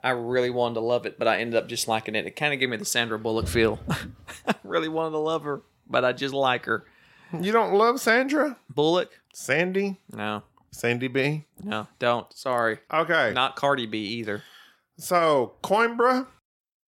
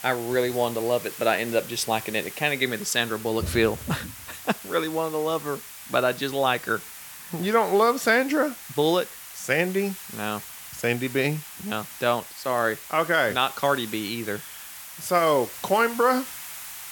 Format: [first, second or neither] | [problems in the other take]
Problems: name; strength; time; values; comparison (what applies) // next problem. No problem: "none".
first | hiss; noticeable; throughout; 15 dB below the speech